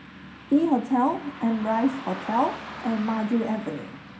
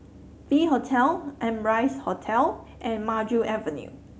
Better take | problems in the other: second | background sound (Car passing by); 15 dB below the speech // room echo; dies away in 0.3 s

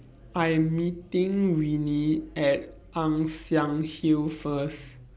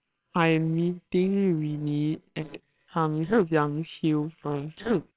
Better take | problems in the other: first | noise reduction (neural separator model SepFormer WHAMR!)

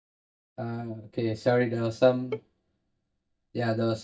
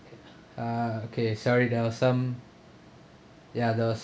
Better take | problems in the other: second | noise reduction (neural mask model DeepFilterNet 3)

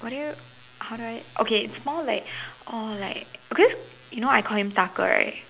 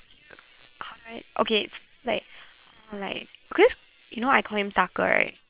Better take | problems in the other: first | noise reduction (neural separator model SepFormer WHAM!)

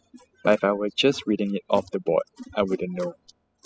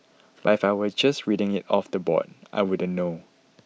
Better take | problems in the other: second | noise reduction (classical method spectral subtraction)

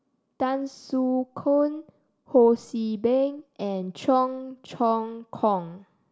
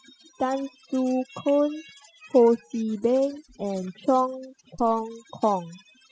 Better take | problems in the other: first | noise reduction (classical method spectral subtraction)

